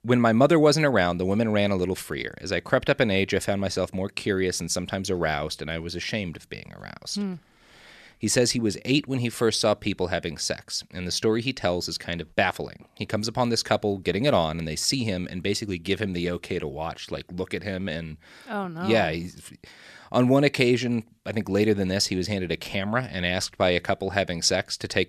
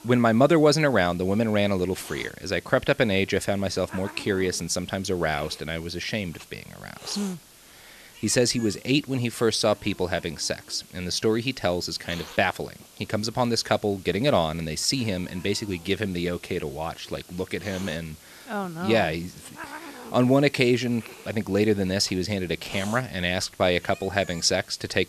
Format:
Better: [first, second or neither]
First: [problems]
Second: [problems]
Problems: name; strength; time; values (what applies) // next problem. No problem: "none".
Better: first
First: none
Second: hiss; faint; throughout; 20 dB below the speech